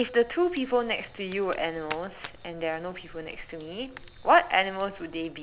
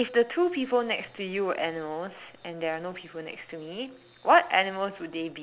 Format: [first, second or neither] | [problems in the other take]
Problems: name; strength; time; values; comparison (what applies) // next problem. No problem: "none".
second | background sound (Fire); 19 dB below the speech